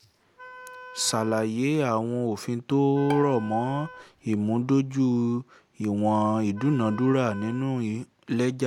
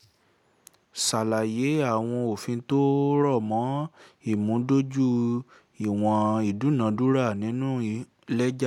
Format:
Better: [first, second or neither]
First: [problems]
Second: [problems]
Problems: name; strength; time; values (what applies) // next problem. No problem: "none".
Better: second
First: background sound (Bowed string instrument + Wind instrument, woodwind instrument); 18 dB below the speech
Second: none